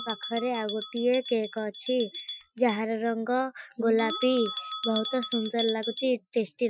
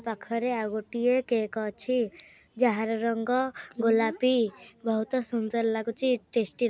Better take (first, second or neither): second